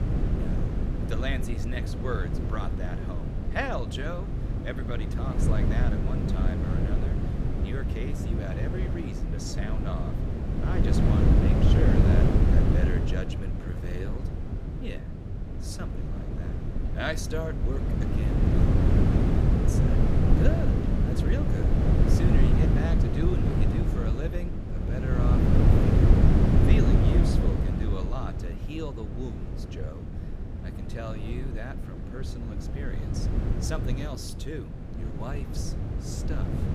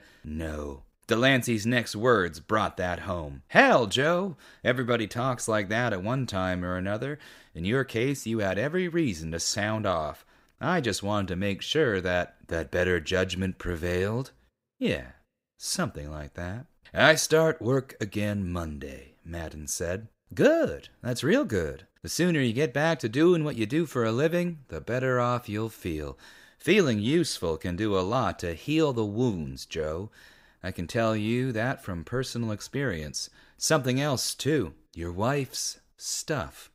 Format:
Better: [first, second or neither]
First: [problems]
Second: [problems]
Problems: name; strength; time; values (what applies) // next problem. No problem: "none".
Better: second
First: wind noise on the microphone; heavy; 3 dB above the speech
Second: none